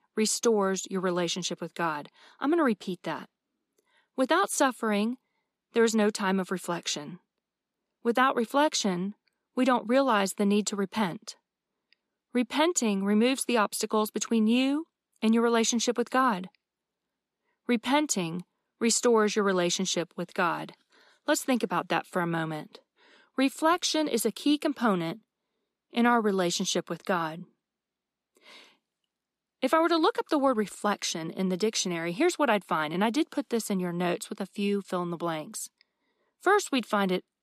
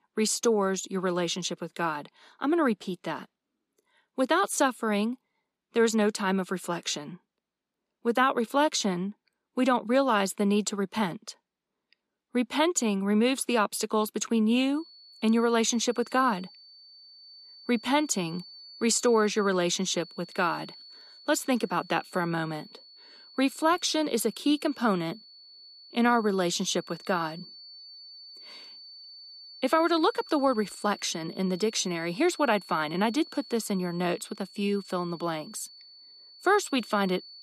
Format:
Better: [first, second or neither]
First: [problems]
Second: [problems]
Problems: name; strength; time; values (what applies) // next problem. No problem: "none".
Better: first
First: none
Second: high-pitched whine; noticeable; from 15 s on; 4.5 kHz, 20 dB below the speech